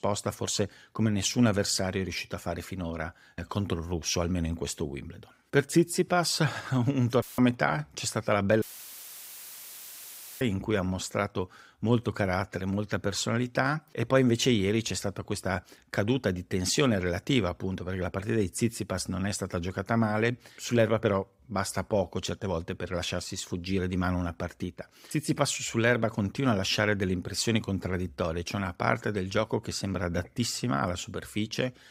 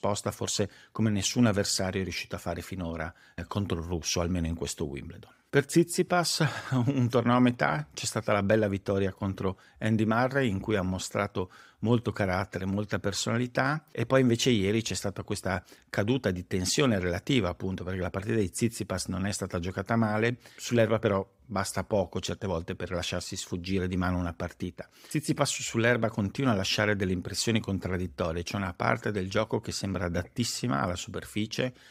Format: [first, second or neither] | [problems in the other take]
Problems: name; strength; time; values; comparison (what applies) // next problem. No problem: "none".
second | audio cutting out; filled with static; at 7 s and at 8.5 s for 2 s